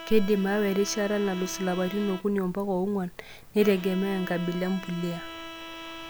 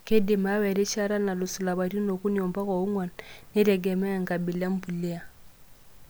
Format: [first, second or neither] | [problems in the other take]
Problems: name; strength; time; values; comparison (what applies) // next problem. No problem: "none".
second | background sound (Bowed string instrument); 15 dB below the speech